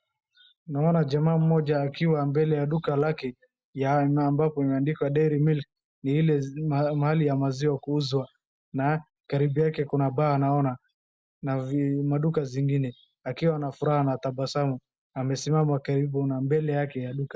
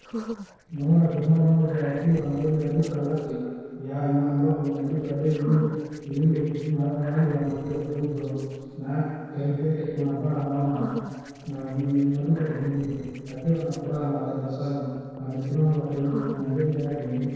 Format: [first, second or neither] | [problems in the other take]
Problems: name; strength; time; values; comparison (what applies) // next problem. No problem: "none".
first | noise reduction (neural separator model SepFormer DNS4)